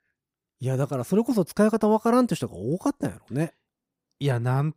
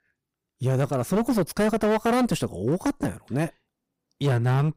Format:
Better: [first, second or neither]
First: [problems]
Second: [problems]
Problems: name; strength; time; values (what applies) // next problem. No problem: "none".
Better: first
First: none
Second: distortion; heavy; 15% of the sound clipped